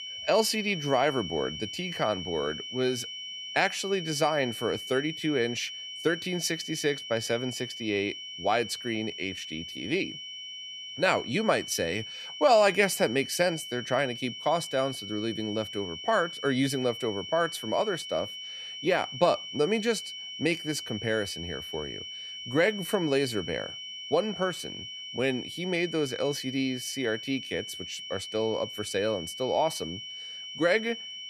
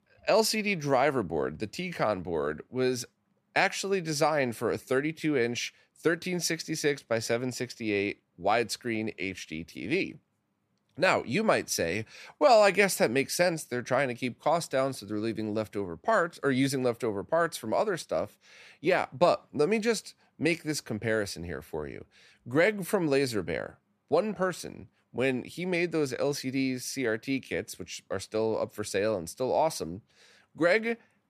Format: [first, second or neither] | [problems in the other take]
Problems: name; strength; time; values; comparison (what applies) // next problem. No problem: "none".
second | high-pitched whine; loud; throughout; 3 kHz, 8 dB below the speech